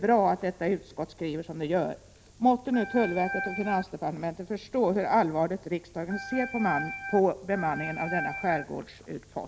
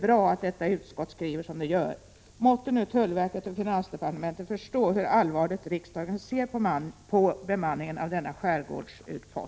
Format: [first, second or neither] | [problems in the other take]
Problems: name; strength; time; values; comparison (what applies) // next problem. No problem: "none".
second | background sound (Organ); 7 dB below the speech